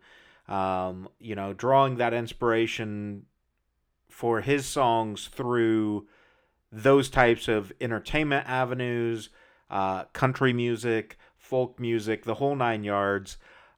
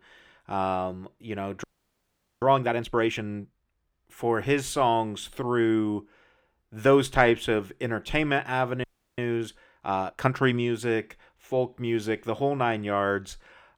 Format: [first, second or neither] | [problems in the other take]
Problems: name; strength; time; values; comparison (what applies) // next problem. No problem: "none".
first | audio freezing; at 1.5 s for 1 s and at 9 s